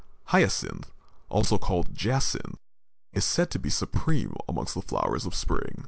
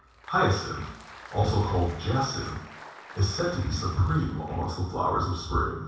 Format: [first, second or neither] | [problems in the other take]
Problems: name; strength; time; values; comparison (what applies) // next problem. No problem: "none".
first | background sound (Applause); 20 dB below the speech // room echo; dies away in 0.7 s